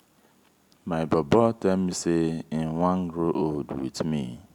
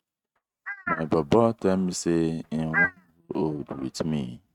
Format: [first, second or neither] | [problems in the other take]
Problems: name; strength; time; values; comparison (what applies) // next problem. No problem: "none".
first | noise reduction (neural mask model RNNoise)